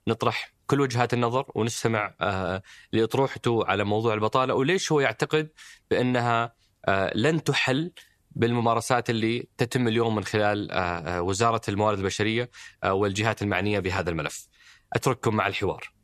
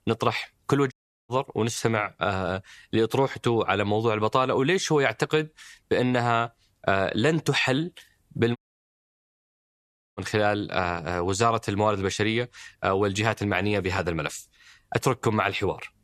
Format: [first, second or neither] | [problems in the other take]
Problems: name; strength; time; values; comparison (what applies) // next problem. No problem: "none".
first | audio cutting out; at 1 s and at 8.5 s for 1.5 s